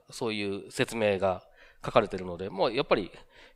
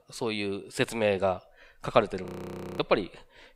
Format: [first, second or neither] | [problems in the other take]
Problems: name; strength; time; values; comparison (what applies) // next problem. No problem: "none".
first | audio freezing; at 2.5 s for 0.5 s